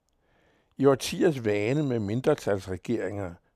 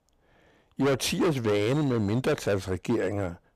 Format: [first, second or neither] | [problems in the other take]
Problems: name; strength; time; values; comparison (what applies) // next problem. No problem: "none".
first | distortion; heavy; 14% of the sound clipped